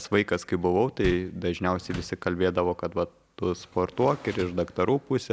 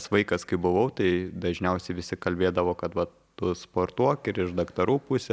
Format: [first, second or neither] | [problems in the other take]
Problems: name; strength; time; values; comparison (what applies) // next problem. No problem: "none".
second | background sound (Door); 17 dB below the speech